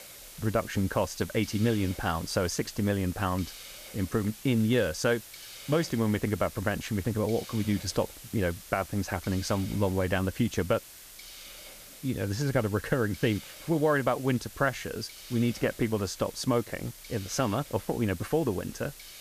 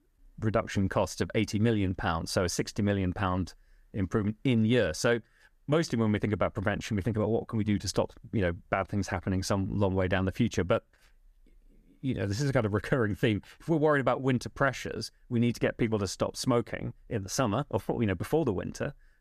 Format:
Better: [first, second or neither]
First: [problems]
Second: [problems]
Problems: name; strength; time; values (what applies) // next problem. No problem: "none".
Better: second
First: hiss; noticeable; throughout; 15 dB below the speech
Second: none